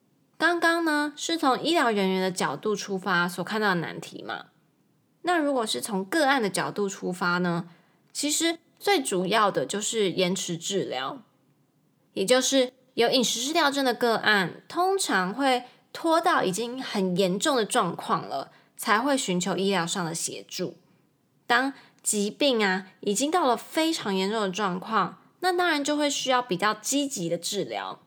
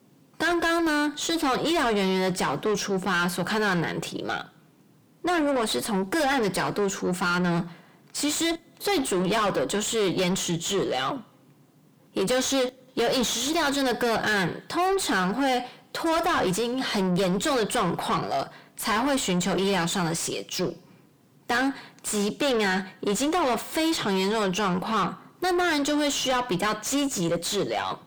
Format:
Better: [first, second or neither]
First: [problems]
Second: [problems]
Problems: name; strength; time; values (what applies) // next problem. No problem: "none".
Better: first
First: none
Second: distortion; heavy; 6 dB below the speech